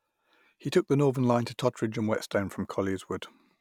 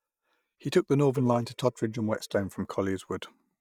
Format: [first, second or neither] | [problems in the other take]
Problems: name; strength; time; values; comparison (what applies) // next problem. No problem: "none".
first | noise reduction (neural mask model DeepFilterNet 3)